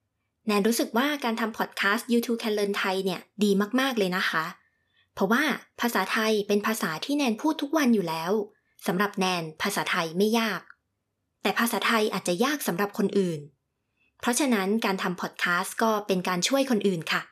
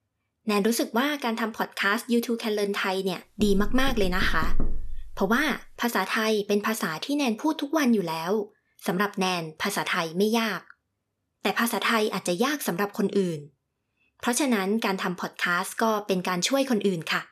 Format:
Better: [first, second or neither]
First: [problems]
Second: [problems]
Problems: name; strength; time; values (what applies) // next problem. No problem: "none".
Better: first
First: none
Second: door banging; noticeable; from 3.5 to 5 s; peak 7 dB below the speech